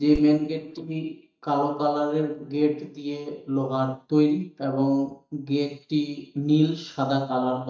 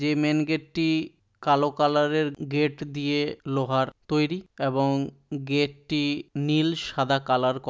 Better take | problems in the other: second | noise reduction (neural mask model DeepFilterNet 3)

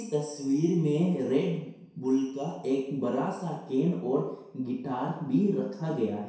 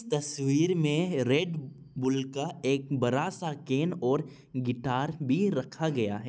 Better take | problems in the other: second | room echo; dies away in 0.7 s

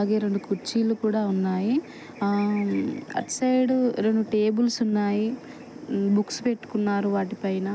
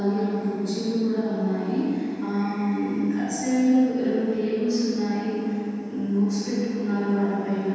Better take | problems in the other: first | room echo; dies away in 2.1 s

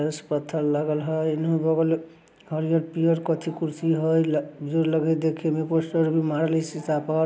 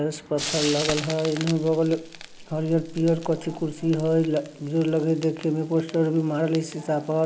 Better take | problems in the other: first | background sound (Frying (food)); 13 dB below the speech

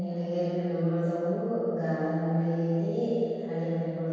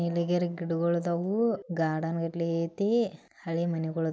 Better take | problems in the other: second | room echo; dies away in 2.2 s

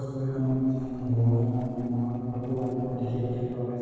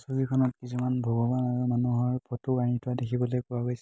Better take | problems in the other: second | noise reduction (neural separator model SepFormer DNS4)

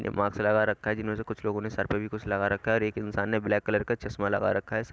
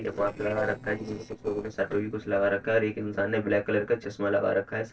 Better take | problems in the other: first | noise reduction (neural separator model SepFormer DNS4)

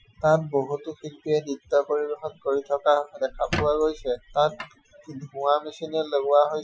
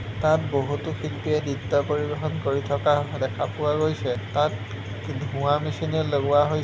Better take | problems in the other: second | noise reduction (classical method Wiener filter)

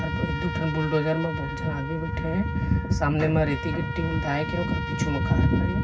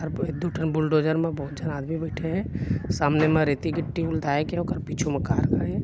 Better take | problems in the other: second | background sound (Trumpet); 10 dB below the speech // room echo; dies away in 0.4 s

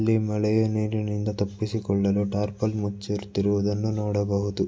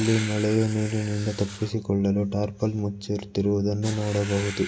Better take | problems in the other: first | background sound (Writing); 15 dB below the speech

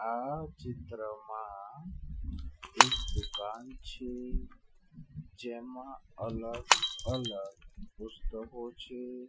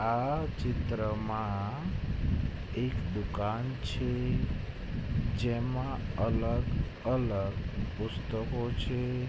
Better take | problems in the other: second | noise reduction (classical method Wiener filter)

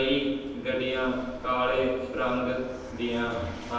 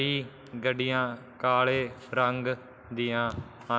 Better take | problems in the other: second | background sound (Vehicle); 15 dB below the speech // room echo; dies away in 1.1 s

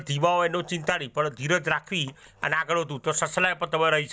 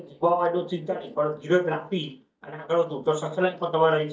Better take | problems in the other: first | noise reduction (neural mask model DeepFilterNet 3)

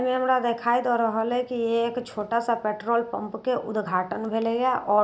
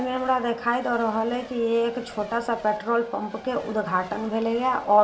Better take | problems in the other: first | background sound (Race car, auto racing / Accelerating, revving, vroom / Mechanisms); 19 dB below the speech // room echo; dies away in 0.3 s

